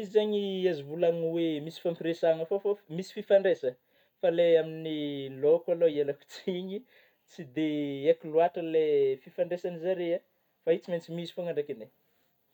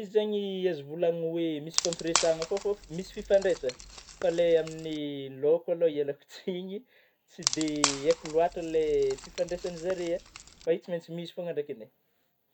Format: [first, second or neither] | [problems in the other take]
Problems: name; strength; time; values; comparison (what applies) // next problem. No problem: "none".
first | background sound (Wood); 7 dB below the speech